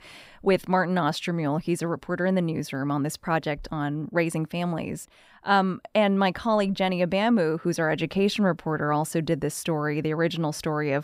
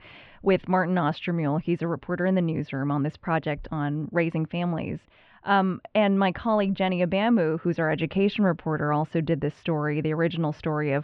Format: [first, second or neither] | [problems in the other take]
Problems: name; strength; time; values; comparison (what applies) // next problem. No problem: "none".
first | muffled; slightly; fading above 3 kHz